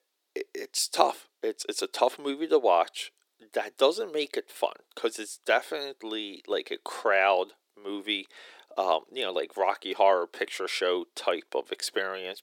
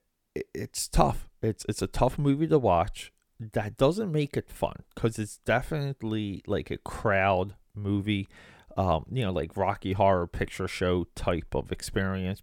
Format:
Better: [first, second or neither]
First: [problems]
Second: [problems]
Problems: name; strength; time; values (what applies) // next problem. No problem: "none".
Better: second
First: thin; very; fading below 350 Hz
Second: none